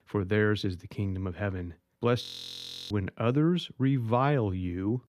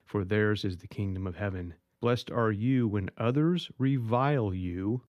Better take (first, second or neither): second